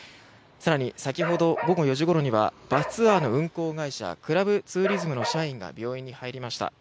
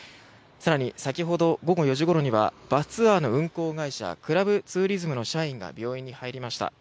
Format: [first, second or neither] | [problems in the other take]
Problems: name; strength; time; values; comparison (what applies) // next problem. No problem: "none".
second | background sound (Bark); 8 dB below the speech